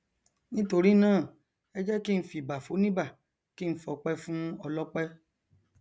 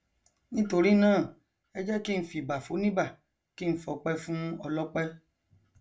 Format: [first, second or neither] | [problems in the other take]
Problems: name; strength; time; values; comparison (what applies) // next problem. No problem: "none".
first | room echo; dies away in 0.2 s